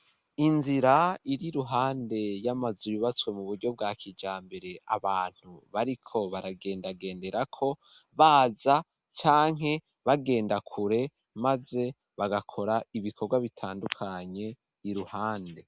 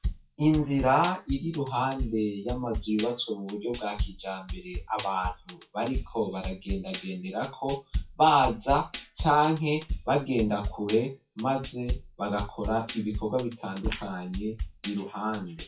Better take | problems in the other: first | noise reduction (classical method WPE with log-MMSE)

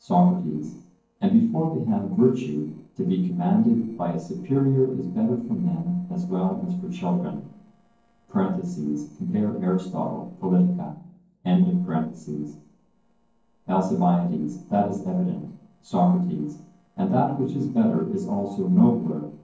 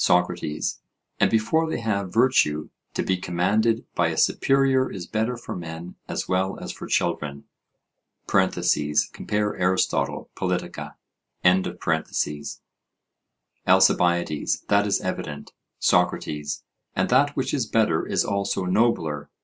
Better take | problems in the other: second | noise reduction (neural separator model SepFormer DNS4)

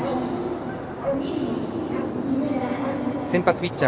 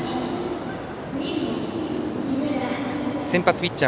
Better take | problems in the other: second | background sound (Bark); 11 dB below the speech // room echo; dies away in 1.1 s

